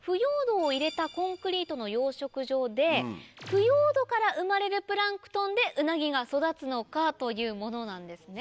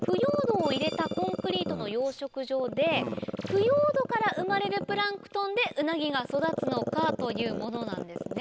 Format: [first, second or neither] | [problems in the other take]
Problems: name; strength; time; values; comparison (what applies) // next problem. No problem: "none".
first | background sound (Growling); 6 dB below the speech